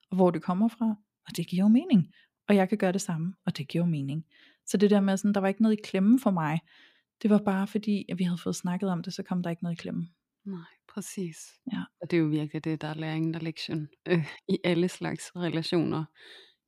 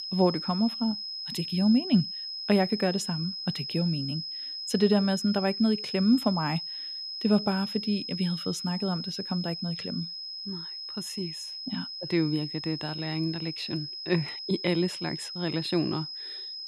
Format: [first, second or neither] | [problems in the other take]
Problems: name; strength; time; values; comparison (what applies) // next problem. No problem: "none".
first | high-pitched whine; loud; throughout; 5 kHz, 6 dB below the speech